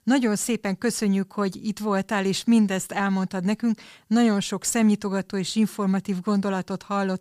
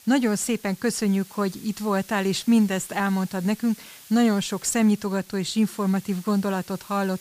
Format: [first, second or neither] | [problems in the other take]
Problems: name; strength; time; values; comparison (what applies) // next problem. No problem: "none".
first | hiss; faint; throughout; 20 dB below the speech